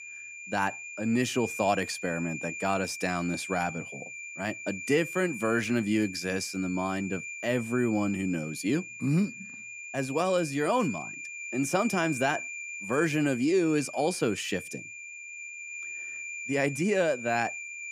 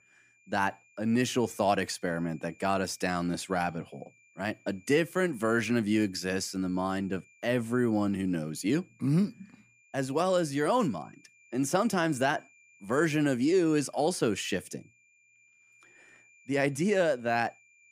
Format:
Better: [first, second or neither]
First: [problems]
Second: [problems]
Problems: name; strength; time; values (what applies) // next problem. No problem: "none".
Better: second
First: high-pitched whine; loud; throughout; 2.5 kHz, 9 dB below the speech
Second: high-pitched whine; faint; throughout; 2.5 kHz, 30 dB below the speech